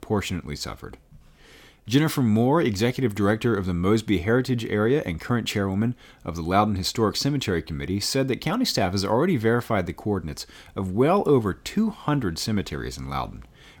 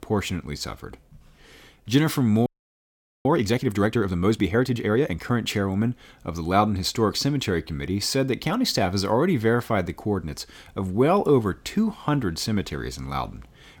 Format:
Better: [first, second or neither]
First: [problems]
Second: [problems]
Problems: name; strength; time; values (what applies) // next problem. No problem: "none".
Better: first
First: none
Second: audio freezing; at 2.5 s for 1 s